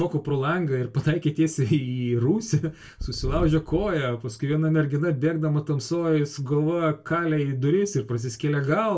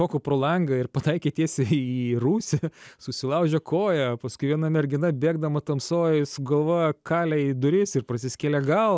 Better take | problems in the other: second | background sound (Purr); 10 dB below the speech // room echo; dies away in 0.2 s

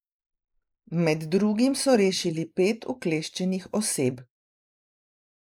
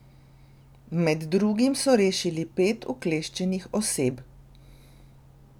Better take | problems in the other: second | noise reduction (neural mask model Resemble Enhance denoiser)

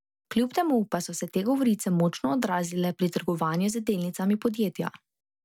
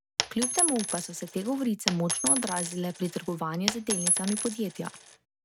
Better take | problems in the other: first | background sound (Coin (dropping)); as loud as the speech

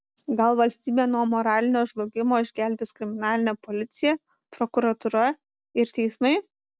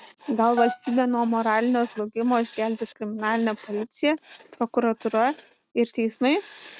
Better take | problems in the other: first | noise reduction (neural mask model RNNoise)

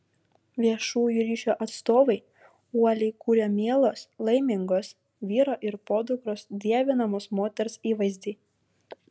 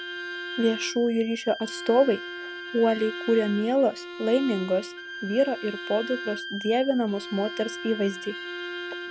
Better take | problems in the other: first | background sound (Bowed string instrument + Wind instrument, woodwind instrument); 10 dB below the speech

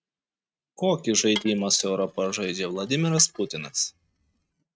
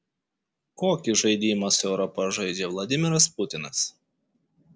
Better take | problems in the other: second | noise reduction (neural mask model RNNoise)

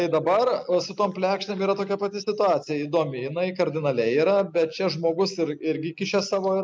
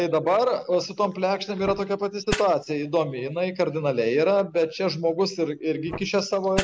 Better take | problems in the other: first | background sound (Fire); 15 dB below the speech

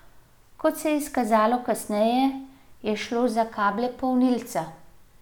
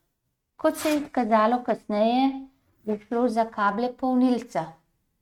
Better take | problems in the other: first | noise reduction (neural mask model RNNoise)

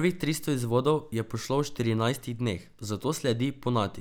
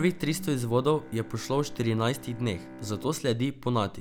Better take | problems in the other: first | background sound (Bowed string instrument); 16 dB below the speech

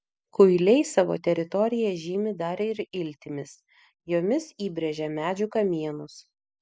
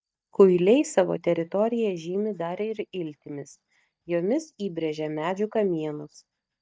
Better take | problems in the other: first | noise reduction (neural mask model DeepFilterNet 3)

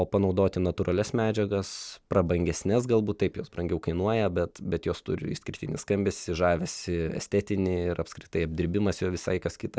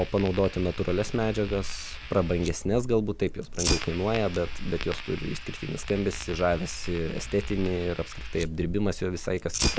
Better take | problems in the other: first | background sound (Fire); 6 dB below the speech

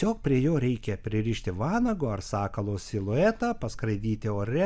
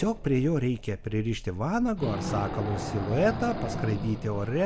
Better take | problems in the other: first | background sound (Wild animals); 8 dB below the speech

